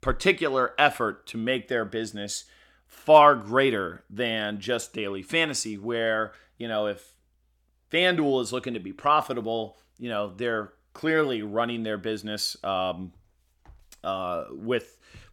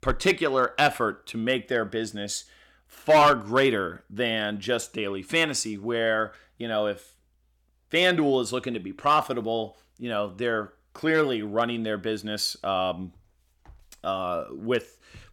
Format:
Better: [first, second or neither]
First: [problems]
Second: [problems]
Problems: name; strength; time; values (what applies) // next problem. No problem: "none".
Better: first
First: none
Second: distortion; slight; 1.1% of the sound clipped